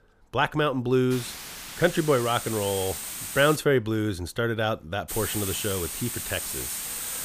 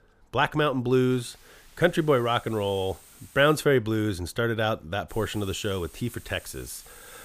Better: second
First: hiss; loud; from 1 to 3.5 s and from 5 s on; 6 dB below the speech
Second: hiss; faint; from 1 to 3.5 s and from 5 s on; 25 dB below the speech

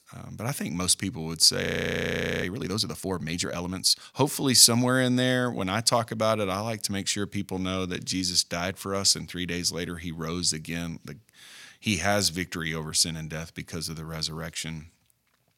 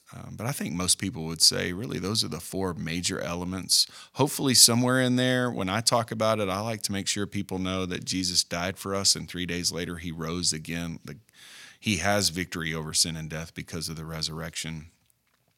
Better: second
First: audio freezing; at 1.5 s for 1 s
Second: none

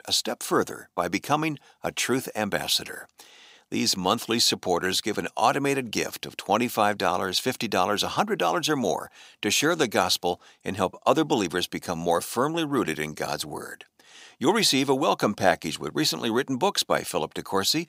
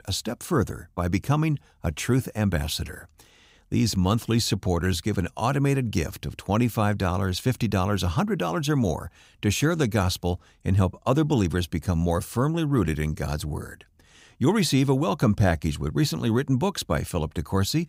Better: second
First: thin; somewhat; fading below 350 Hz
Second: none

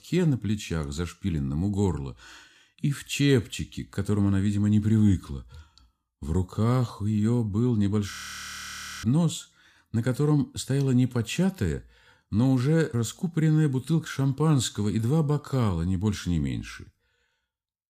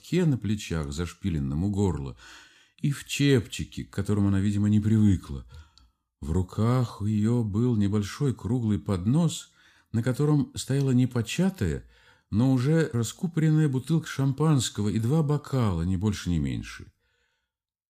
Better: second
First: audio freezing; at 8 s for 1 s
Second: none

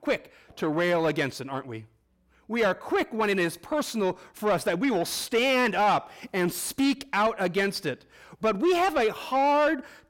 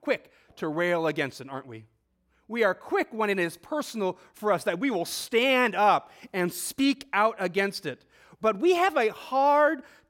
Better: second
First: distortion; slight; 10 dB below the speech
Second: none

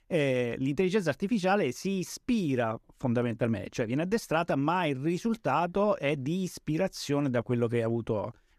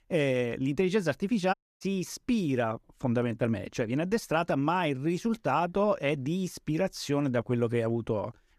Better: first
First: none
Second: audio cutting out; at 1.5 s

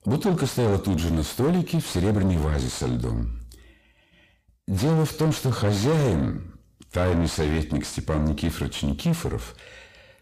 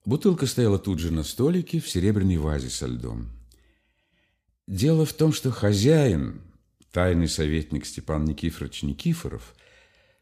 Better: second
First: distortion; heavy; 6 dB below the speech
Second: none

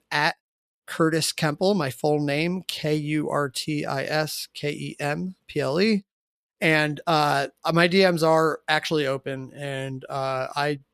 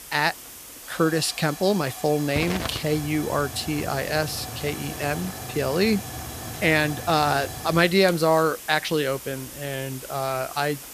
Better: first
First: none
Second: hiss; noticeable; throughout; 10 dB below the speech

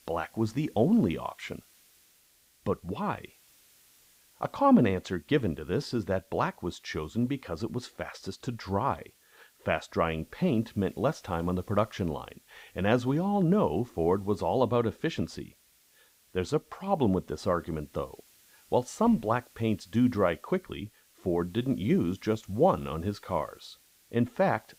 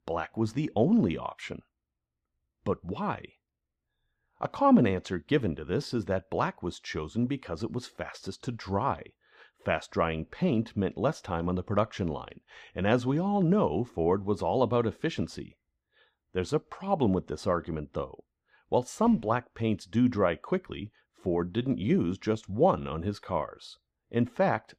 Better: second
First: hiss; faint; throughout; 30 dB below the speech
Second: none

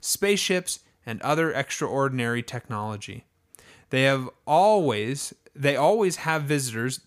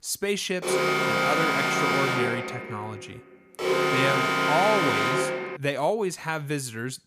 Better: first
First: none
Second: alarm; loud; from 0.5 to 5.5 s; peak 6 dB above the speech

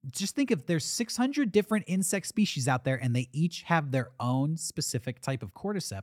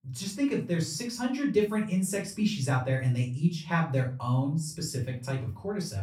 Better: first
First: none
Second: off-mic speech; far // room echo; slight; dies away in 0.3 s

